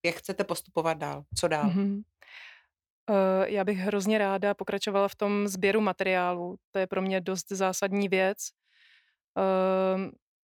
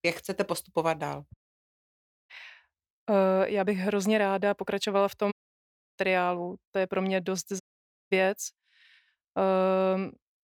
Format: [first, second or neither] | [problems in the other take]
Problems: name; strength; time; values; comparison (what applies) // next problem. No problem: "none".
first | audio cutting out; at 1.5 s for 1 s, at 5.5 s for 0.5 s and at 7.5 s for 0.5 s